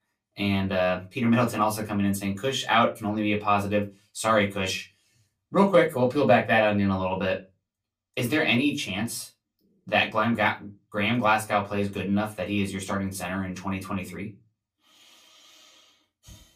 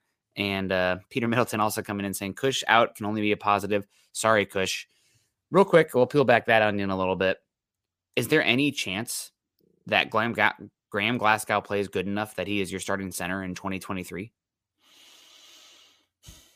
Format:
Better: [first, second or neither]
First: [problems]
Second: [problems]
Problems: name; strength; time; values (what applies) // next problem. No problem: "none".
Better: second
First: off-mic speech; far // room echo; very slight; dies away in 0.2 s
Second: none